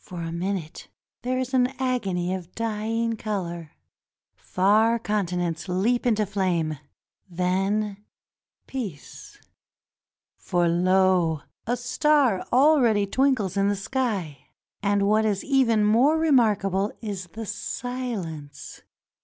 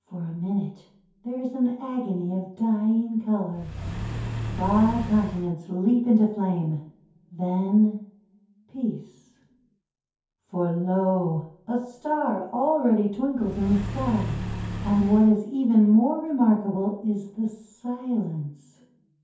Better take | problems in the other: first | background sound (Accelerating, revving, vroom / Car); 7 dB below the speech // room echo; dies away in 0.6 s

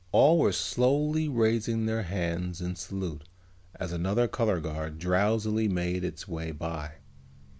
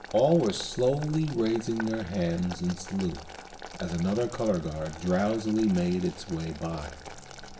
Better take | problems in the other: first | background sound (Boiling); 16 dB below the speech // room echo; dies away in 1.6 s

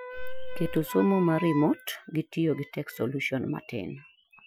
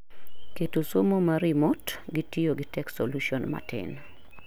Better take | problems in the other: second | noise reduction (classical method Wiener filter)

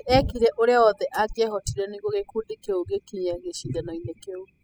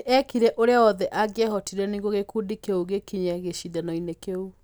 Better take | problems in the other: second | noise reduction (classical method spectral subtraction)

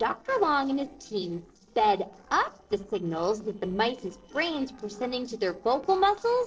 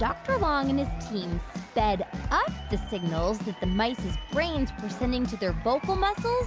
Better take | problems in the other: second | noise reduction (neural separator model SepFormer DNS4)

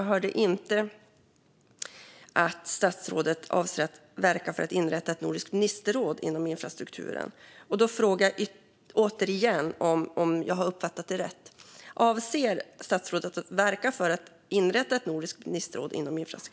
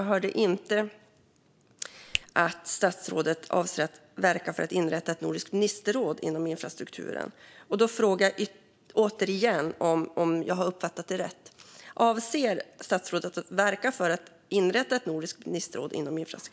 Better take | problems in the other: first | background sound (Finger snapping); 9 dB below the speech

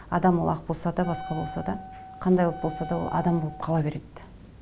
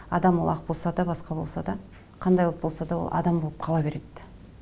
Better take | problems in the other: second | background sound (Wind instrument, woodwind instrument); 13 dB below the speech

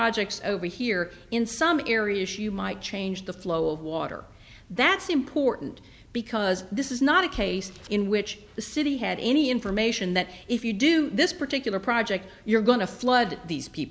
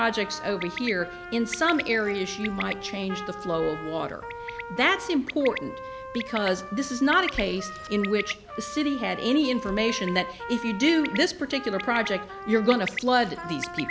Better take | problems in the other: first | background sound (Bird + Trumpet); 10 dB below the speech

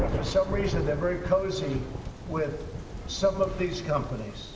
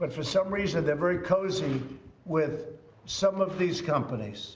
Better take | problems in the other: second | background sound (Thunder); 5 dB below the speech // room echo; dies away in 2.5 s

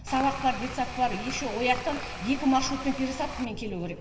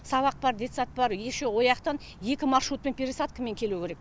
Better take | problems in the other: second | background sound (Tools); 11 dB below the speech // room echo; dies away in 2 s

